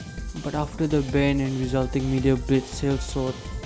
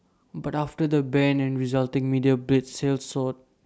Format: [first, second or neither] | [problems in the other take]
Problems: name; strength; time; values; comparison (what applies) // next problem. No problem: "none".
second | background sound (Drum kit); 9 dB below the speech